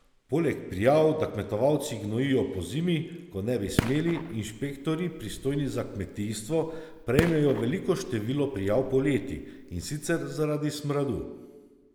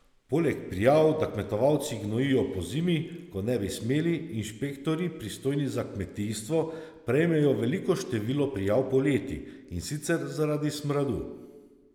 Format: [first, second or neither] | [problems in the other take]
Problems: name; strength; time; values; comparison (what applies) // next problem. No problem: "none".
second | background sound (Fireworks); 10 dB below the speech